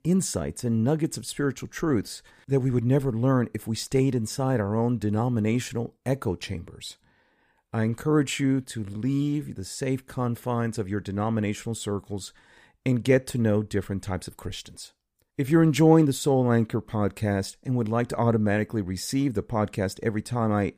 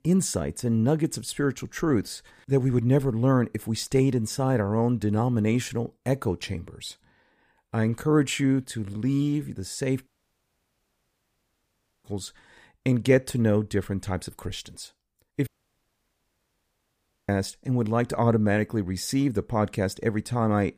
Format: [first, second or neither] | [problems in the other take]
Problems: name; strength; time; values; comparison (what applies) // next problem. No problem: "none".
first | audio cutting out; at 10 s for 2 s and at 15 s for 2 s